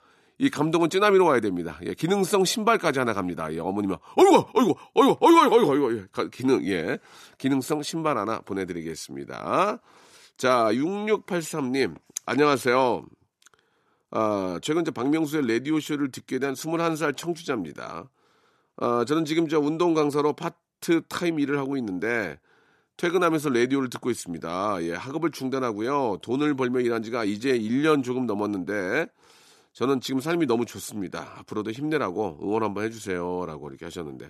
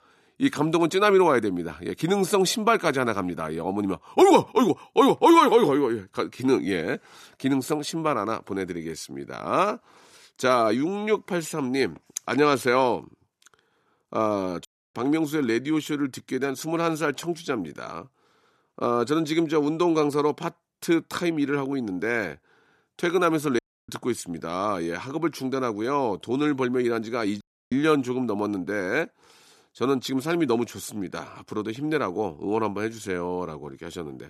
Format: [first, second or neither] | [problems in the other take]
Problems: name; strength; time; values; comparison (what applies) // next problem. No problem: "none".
first | audio cutting out; at 15 s, at 24 s and at 27 s